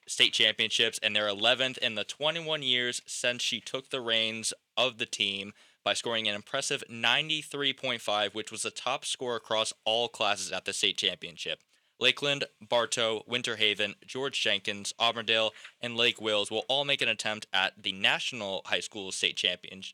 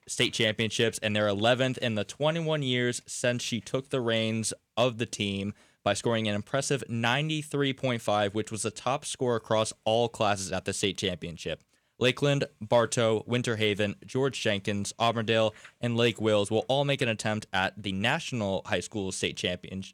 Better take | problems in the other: second | thin; somewhat; fading below 1 kHz

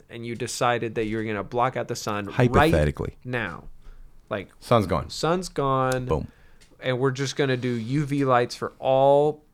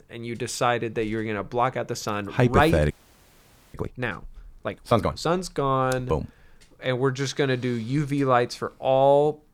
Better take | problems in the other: first | audio freezing; at 3 s for 1 s

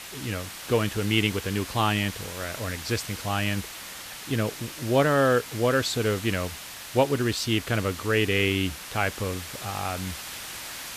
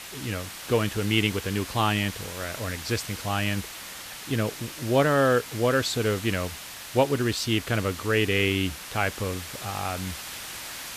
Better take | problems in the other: neither | hiss; noticeable; throughout; 10 dB below the speech; the same in both

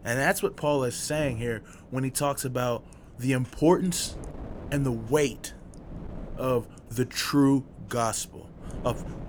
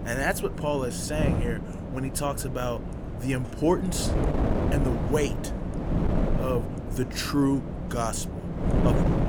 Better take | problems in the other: first | wind noise on the microphone; heavy; 5 dB below the speech; occasional gusts in the first

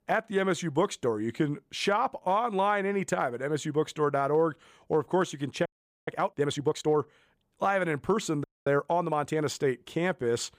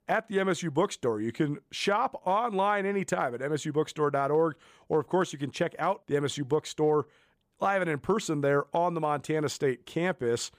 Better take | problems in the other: second | audio freezing; at 5.5 s and at 8.5 s

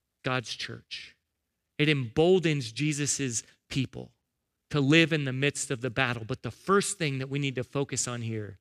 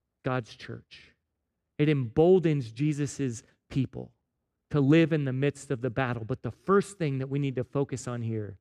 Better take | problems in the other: first | muffled; slightly; fading above 1.5 kHz

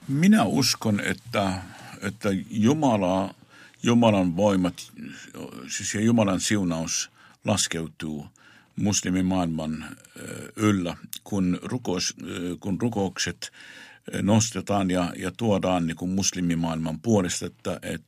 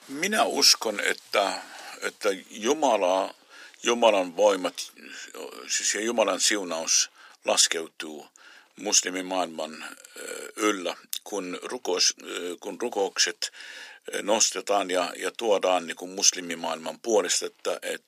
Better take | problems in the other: first | thin; very; fading below 400 Hz

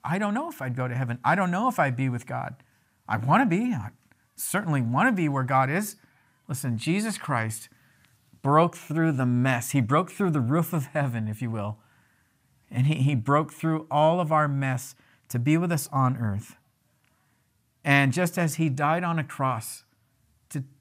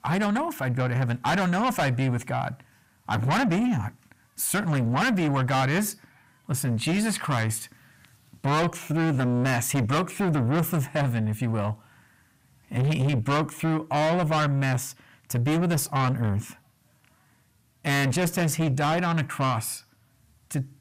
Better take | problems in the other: first | distortion; heavy; 7 dB below the speech

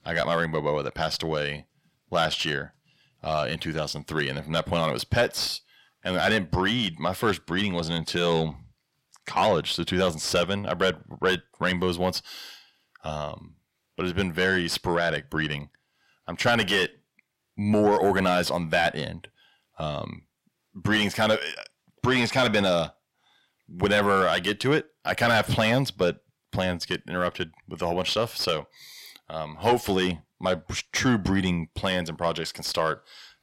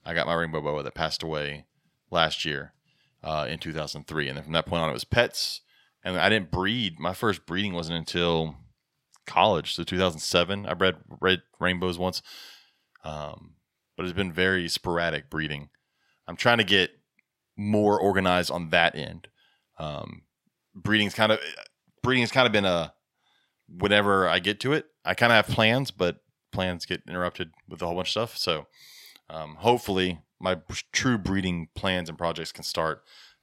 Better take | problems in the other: second | distortion; heavy; 7 dB below the speech

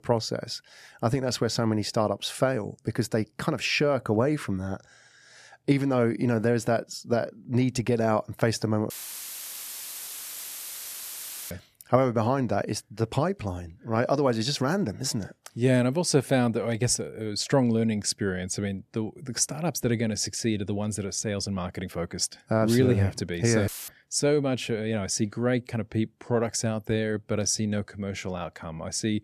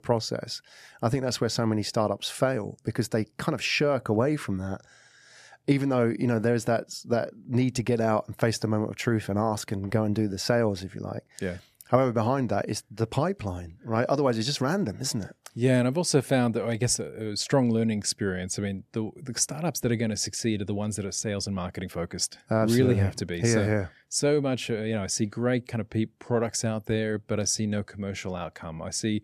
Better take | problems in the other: second | audio cutting out; filled with static; at 9 s for 2.5 s and at 24 s

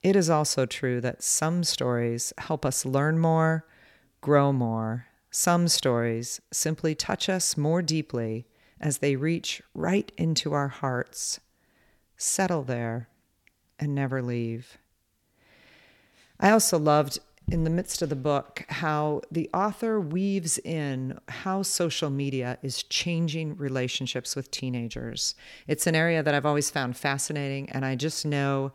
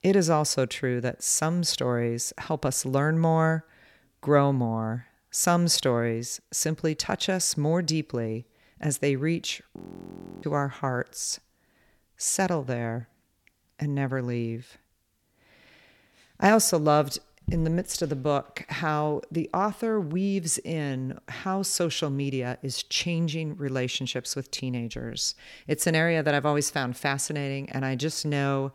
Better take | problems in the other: first | audio freezing; at 10 s for 0.5 s

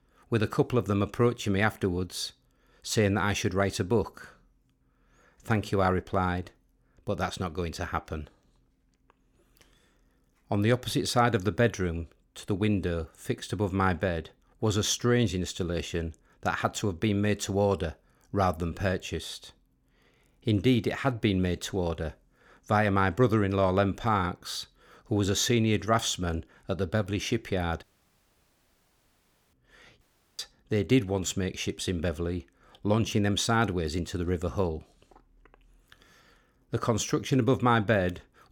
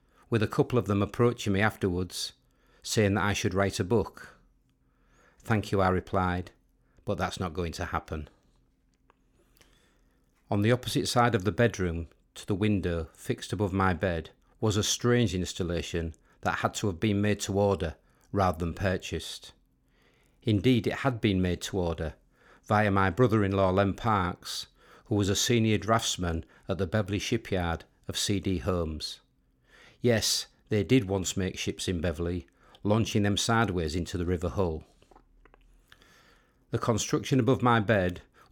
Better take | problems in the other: second | audio cutting out; at 28 s for 1.5 s and at 30 s

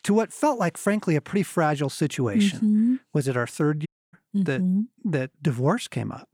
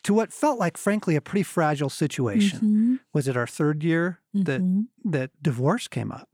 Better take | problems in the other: second | audio cutting out; at 4 s

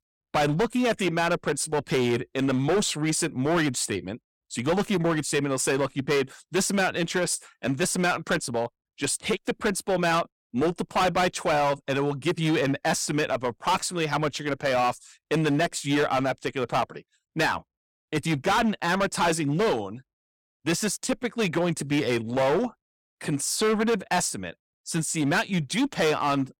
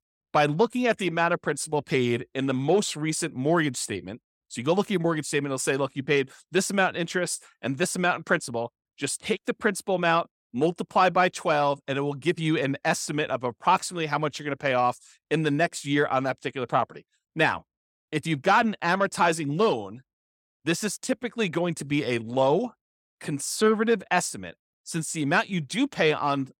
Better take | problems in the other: second | distortion; heavy; 12% of the sound clipped

